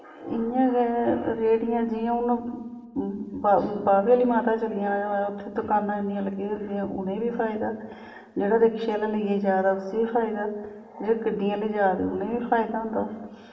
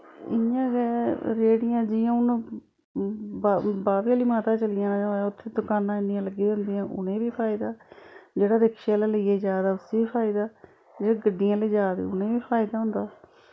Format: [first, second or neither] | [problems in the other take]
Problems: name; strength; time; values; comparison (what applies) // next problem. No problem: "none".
second | room echo; dies away in 2.1 s